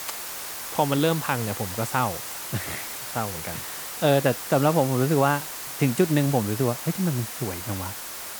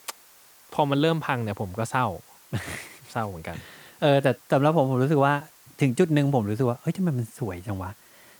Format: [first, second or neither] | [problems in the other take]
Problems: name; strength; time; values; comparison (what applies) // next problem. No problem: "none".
second | hiss; loud; throughout; 7 dB below the speech; faint in the second